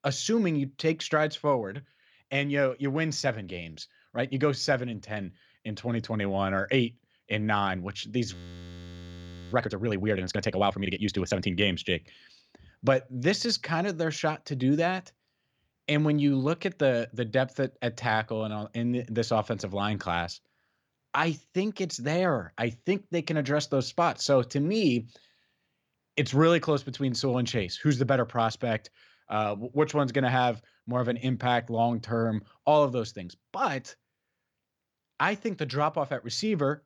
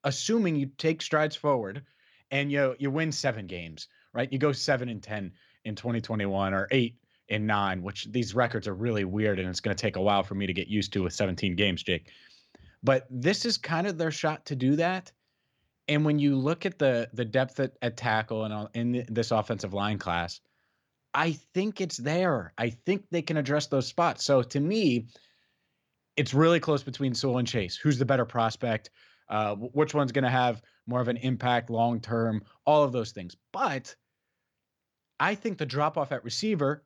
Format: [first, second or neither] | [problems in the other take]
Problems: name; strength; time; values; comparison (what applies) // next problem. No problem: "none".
second | audio freezing; at 8.5 s for 1 s